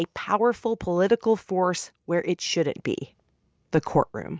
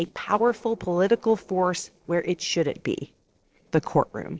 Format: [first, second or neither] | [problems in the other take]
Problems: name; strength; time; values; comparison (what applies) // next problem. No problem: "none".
first | noise reduction (neural separator model SepFormer DNS4)